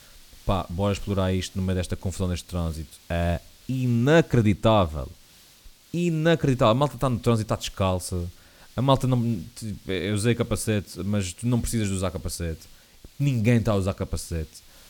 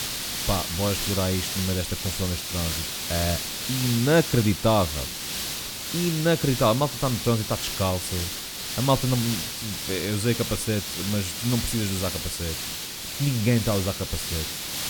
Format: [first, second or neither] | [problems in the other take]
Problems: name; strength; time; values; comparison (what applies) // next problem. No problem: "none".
first | hiss; loud; throughout; 3 dB below the speech; faint in the first